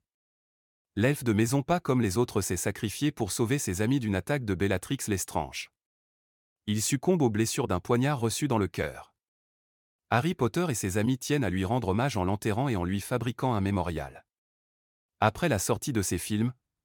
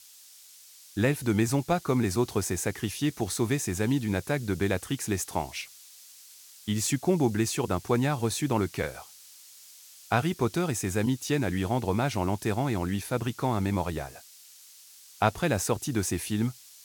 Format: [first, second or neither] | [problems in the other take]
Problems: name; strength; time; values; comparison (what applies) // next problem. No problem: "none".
first | hiss; noticeable; throughout; 20 dB below the speech